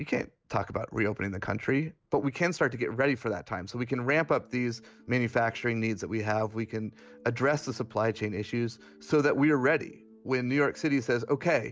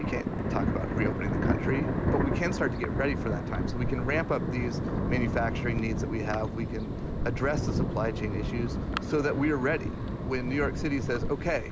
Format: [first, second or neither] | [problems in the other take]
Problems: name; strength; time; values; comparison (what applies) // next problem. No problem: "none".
first | background sound (Thunder); 1 dB above the speech